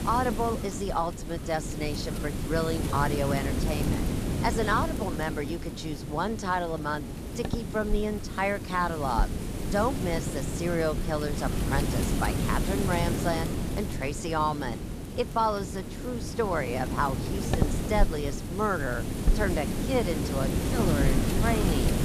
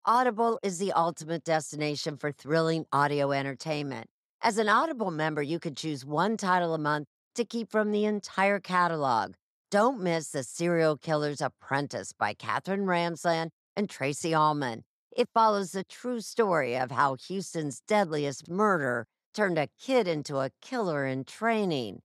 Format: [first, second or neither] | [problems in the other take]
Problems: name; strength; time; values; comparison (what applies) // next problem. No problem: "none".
second | wind noise on the microphone; heavy; 6 dB below the speech